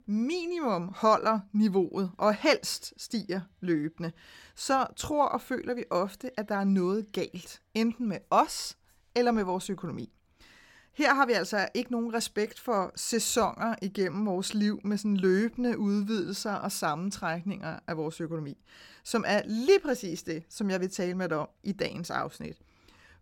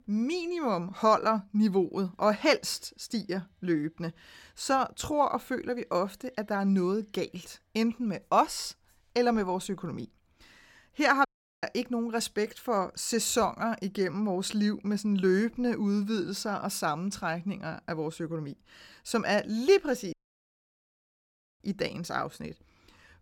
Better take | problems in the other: first | audio cutting out; at 11 s and at 20 s for 1.5 s

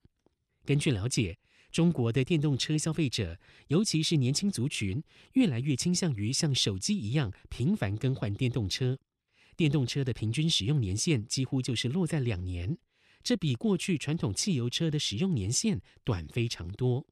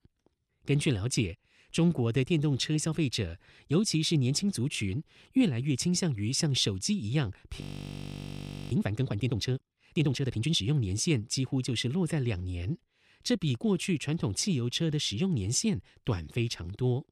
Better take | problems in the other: first | audio freezing; at 7.5 s for 1 s

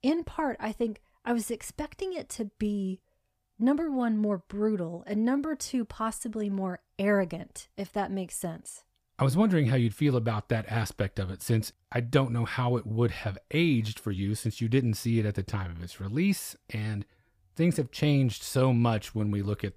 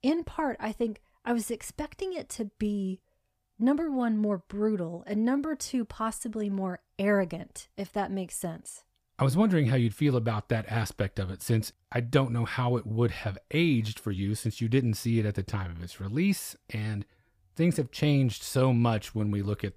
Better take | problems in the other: neither | none

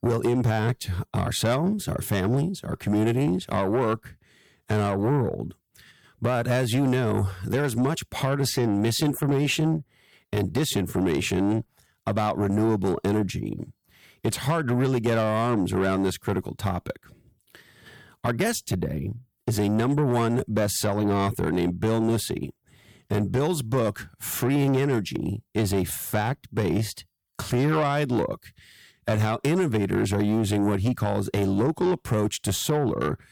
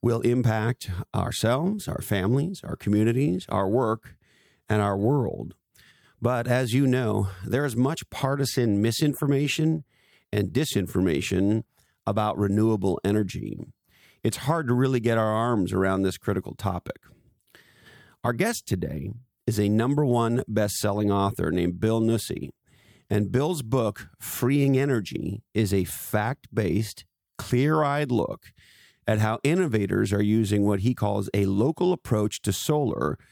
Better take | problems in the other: second | distortion; slight; 10 dB below the speech

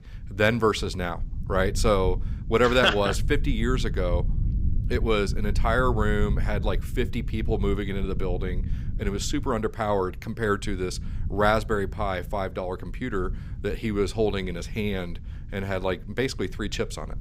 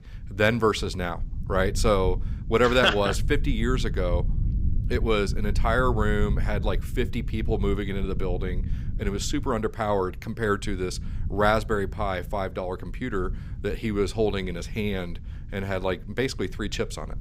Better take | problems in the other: neither | low rumble; faint; throughout; 20 dB below the speech; the same in both

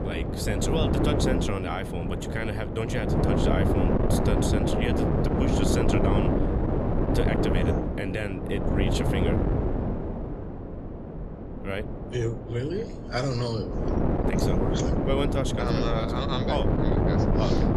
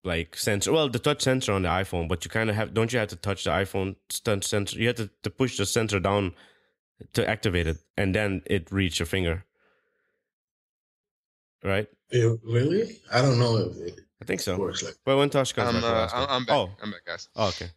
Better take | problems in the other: second | wind noise on the microphone; heavy; 2 dB above the speech

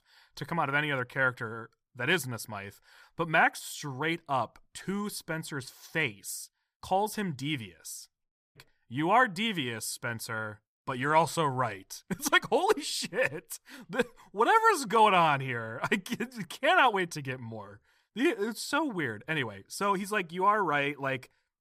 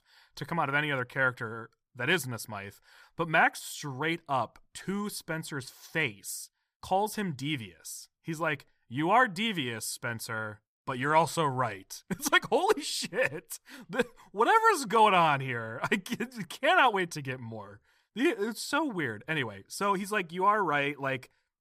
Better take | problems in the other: second | audio cutting out; at 8 s

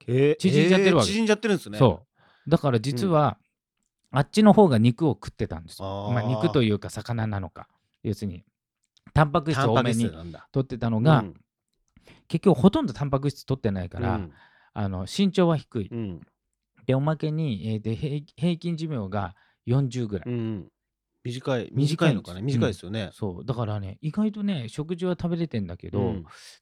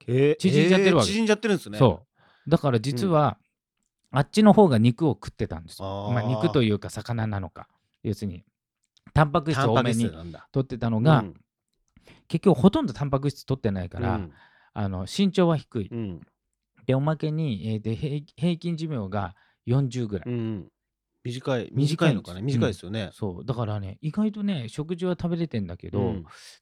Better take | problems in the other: neither | none

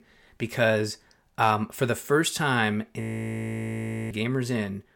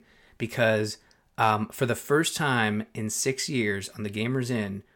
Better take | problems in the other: second | audio freezing; at 3 s for 1 s

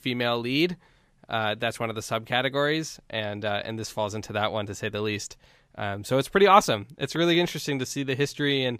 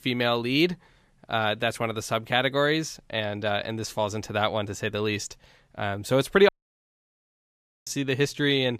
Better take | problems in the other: first | audio cutting out; at 6.5 s for 1.5 s

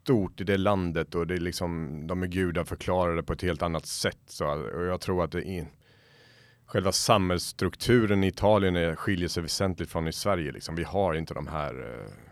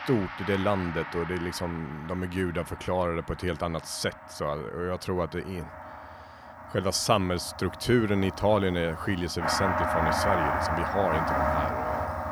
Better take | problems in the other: first | background music; loud; throughout; 1 dB below the speech

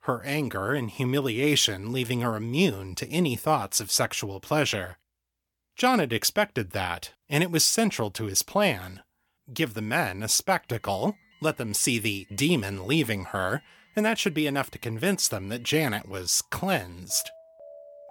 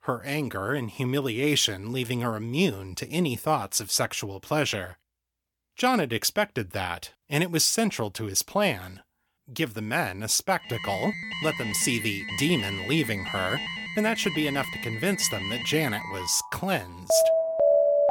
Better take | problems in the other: first | alarms or sirens; loud; from 11 s on; 2 dB below the speech; faint in the first

